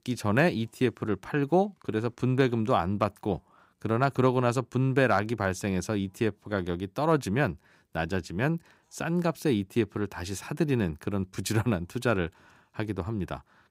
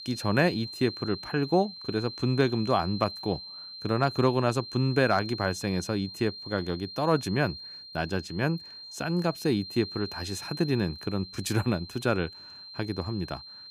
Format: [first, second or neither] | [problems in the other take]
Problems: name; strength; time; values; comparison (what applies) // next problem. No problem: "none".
first | high-pitched whine; noticeable; throughout; 4 kHz, 10 dB below the speech